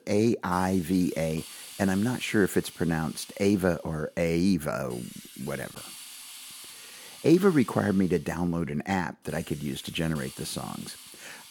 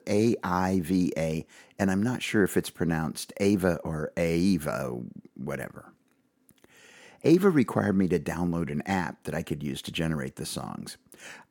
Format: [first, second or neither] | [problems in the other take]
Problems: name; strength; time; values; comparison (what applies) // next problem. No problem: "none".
second | hiss; noticeable; throughout; 15 dB below the speech